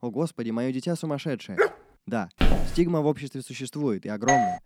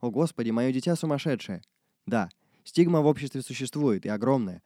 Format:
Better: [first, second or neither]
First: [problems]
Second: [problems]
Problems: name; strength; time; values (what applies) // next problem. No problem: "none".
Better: second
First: dog barking; loud; at 1.5 s; peak 3 dB above the speech // footsteps; loud; at 2.5 s; peak 2 dB above the speech // doorbell; very faint; at 4.5 s; peak 6 dB above the speech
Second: none